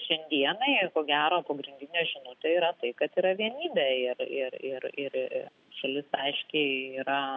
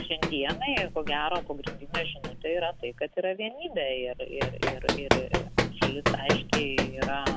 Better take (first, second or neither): first